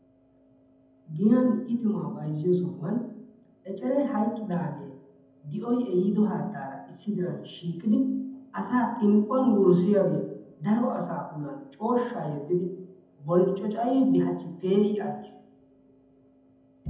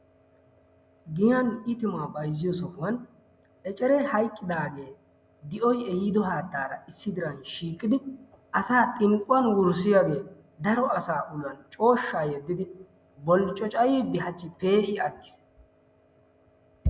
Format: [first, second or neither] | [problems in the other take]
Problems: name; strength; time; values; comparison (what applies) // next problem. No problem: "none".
second | room echo; dies away in 0.8 s